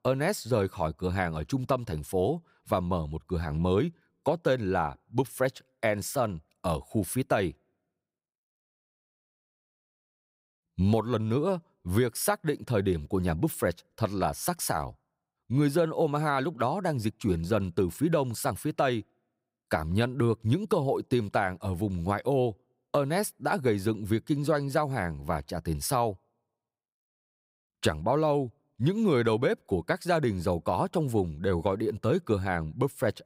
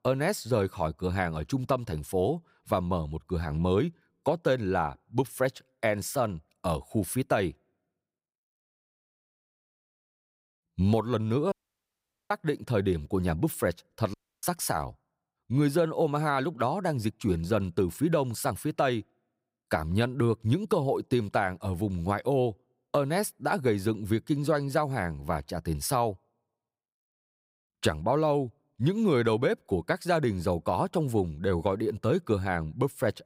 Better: first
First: none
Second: audio cutting out; at 12 s for 1 s and at 14 s

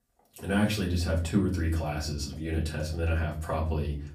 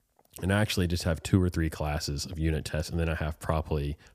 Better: second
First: room echo; slight; dies away in 0.4 s // off-mic speech; far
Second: none

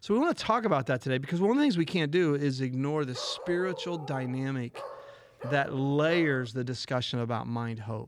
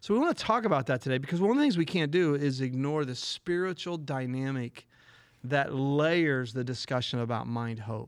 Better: second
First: dog barking; faint; from 3 to 6.5 s; peak 10 dB below the speech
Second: none

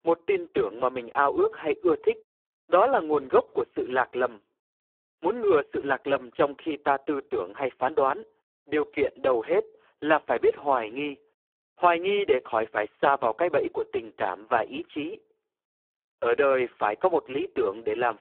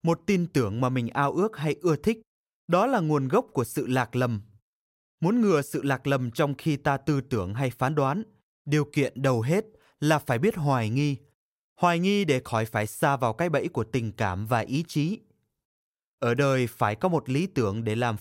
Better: second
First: phone-call audio; poor line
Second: none

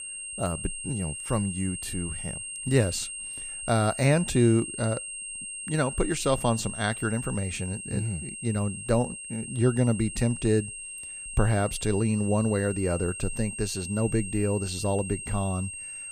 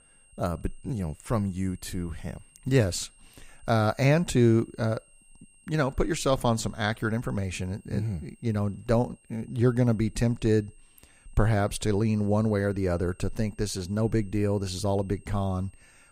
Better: second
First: high-pitched whine; loud; throughout; 8.5 kHz, 7 dB below the speech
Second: high-pitched whine; faint; throughout; 8.5 kHz, 30 dB below the speech

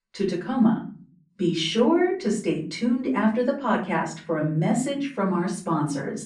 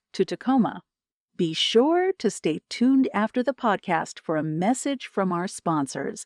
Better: second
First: off-mic speech; far // room echo; slight; dies away in 0.5 s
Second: none

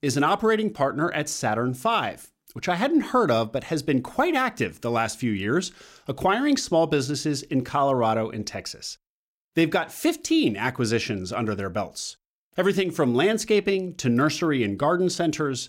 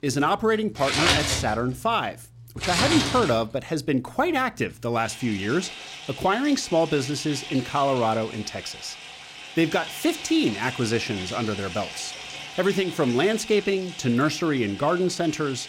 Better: first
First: none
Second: household noises; loud; throughout; 6 dB below the speech

